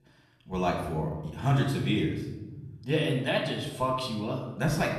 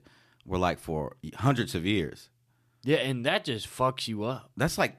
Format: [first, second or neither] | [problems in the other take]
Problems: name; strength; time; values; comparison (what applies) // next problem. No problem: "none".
second | off-mic speech; far // room echo; noticeable; dies away in 1.5 s